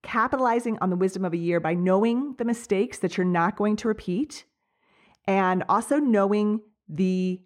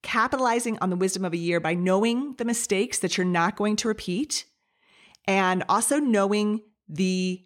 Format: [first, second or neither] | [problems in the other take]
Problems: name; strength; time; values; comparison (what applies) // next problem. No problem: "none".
second | muffled; slightly; fading above 2.5 kHz